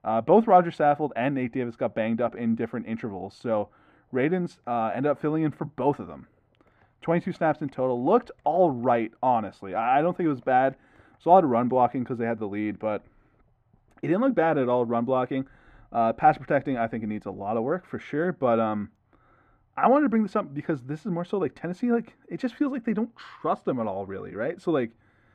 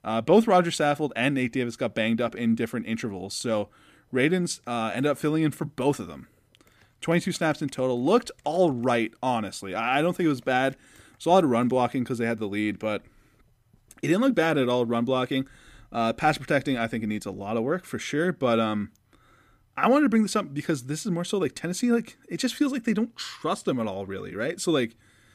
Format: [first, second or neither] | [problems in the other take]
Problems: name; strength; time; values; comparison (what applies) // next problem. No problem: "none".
second | muffled; very; fading above 3.5 kHz